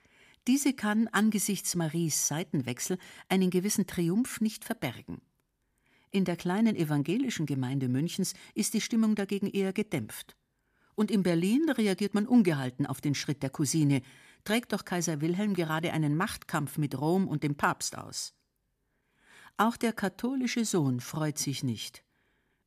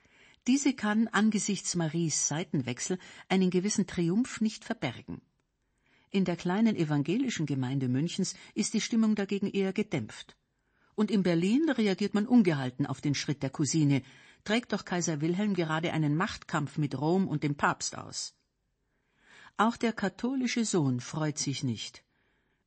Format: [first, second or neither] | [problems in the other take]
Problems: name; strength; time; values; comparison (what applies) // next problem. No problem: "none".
first | garbled, watery; slightly; nothing above 8 kHz